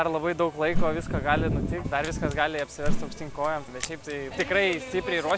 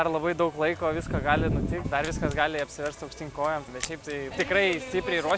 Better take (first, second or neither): second